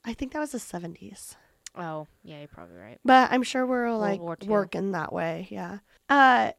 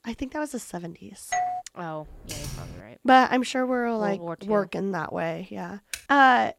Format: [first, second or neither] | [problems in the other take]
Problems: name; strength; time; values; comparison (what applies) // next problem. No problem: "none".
first | doorbell; noticeable; at 1.5 s; peak 4 dB below the speech // keyboard typing; faint; at 2 s and at 6 s; peak 10 dB below the speech